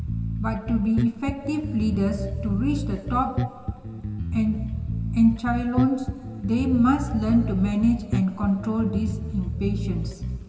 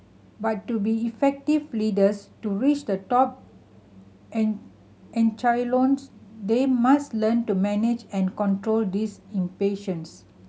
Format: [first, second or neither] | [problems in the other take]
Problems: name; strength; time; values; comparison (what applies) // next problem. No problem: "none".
second | background sound (Bass guitar); 4 dB below the speech // room echo; dies away in 1.9 s